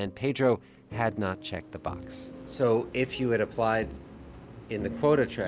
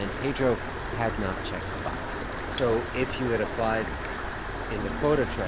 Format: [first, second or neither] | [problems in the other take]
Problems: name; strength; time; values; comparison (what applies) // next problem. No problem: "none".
first | background sound (Stream + Cutlery, silverware); 3 dB below the speech